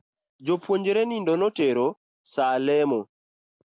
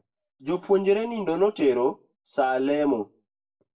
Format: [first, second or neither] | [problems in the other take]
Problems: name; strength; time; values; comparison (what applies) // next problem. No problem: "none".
first | room echo; dies away in 0.2 s